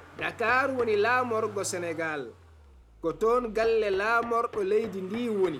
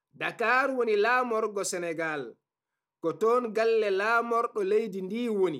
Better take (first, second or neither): second